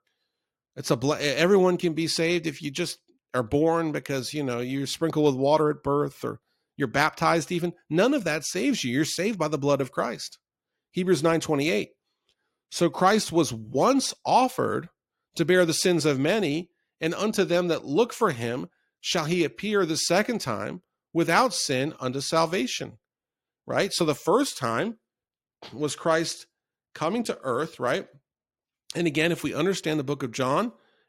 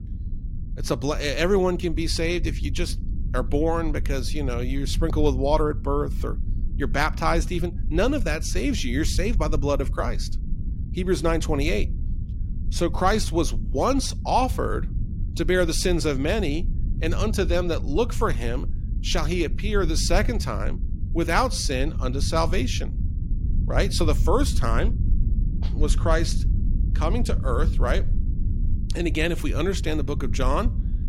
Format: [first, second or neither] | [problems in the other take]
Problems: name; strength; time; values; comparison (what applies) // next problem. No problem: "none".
first | low rumble; noticeable; throughout; 20 dB below the speech